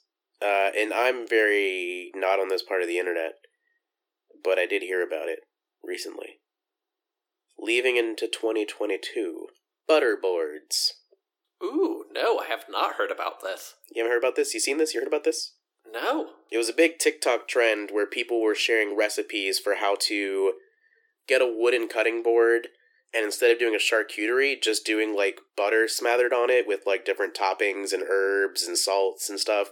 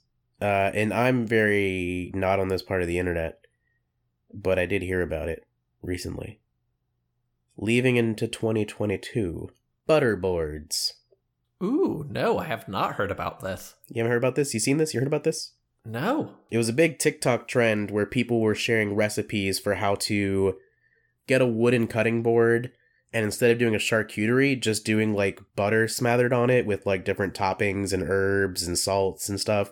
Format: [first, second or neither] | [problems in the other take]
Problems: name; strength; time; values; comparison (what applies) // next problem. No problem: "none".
second | thin; very; fading below 300 Hz